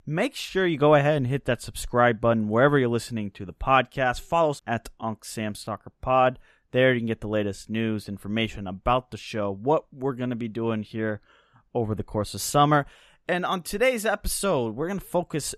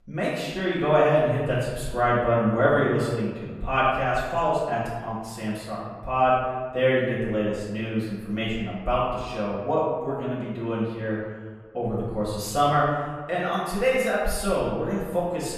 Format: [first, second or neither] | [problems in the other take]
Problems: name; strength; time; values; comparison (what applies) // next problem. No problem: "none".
first | off-mic speech; far // room echo; noticeable; dies away in 1.3 s